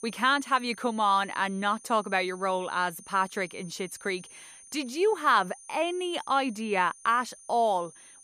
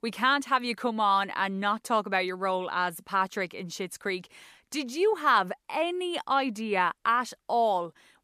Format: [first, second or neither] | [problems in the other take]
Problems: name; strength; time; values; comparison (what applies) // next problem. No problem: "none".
second | high-pitched whine; faint; throughout; 9.5 kHz, 20 dB below the speech